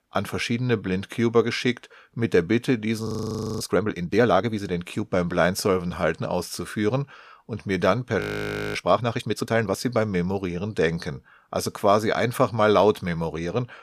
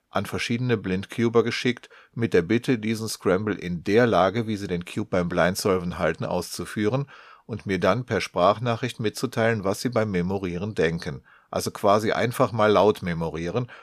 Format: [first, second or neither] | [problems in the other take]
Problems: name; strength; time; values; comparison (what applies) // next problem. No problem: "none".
second | audio freezing; at 3 s for 0.5 s and at 8 s for 0.5 s